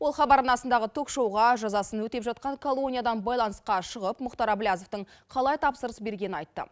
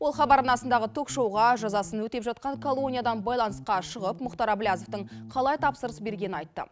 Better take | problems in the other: first | background sound (Bass guitar); 16 dB below the speech

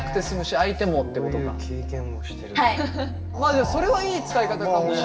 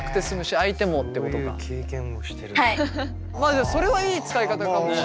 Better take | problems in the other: second | room echo; dies away in 1.4 s

